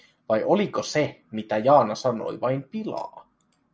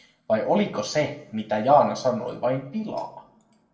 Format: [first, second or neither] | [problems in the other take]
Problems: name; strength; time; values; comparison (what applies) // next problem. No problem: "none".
first | room echo; dies away in 0.5 s